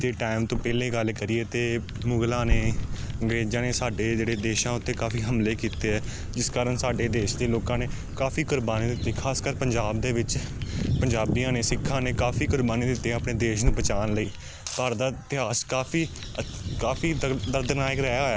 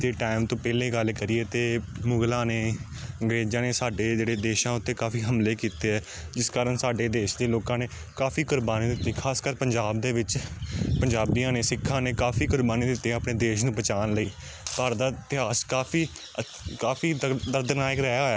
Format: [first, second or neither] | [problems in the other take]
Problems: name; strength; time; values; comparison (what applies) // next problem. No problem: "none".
second | background sound (Fire + Thump, thud); 6 dB below the speech